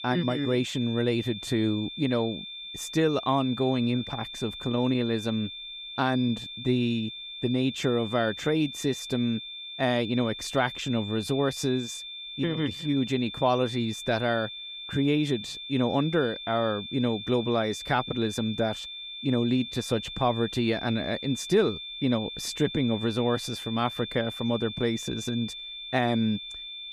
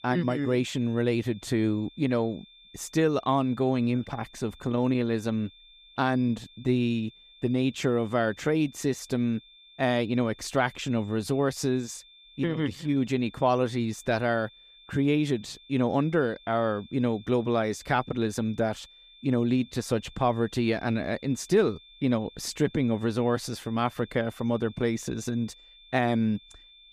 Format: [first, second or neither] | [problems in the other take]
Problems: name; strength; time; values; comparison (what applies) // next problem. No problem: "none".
second | high-pitched whine; loud; throughout; 3.5 kHz, 9 dB below the speech; faint in the second